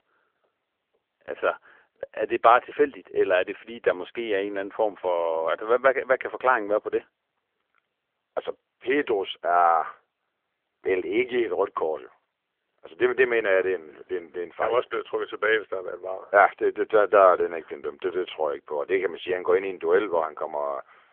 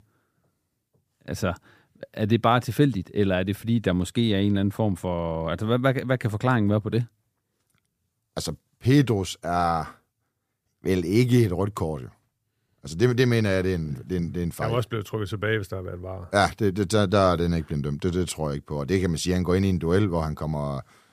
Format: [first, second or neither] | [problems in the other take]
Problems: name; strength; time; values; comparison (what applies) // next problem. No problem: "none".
second | phone-call audio; nothing above 3.5 kHz